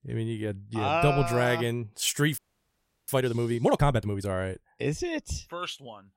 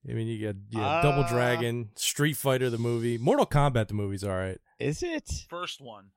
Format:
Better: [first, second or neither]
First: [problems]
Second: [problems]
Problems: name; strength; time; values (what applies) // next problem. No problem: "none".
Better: second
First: audio freezing; at 2.5 s for 0.5 s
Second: none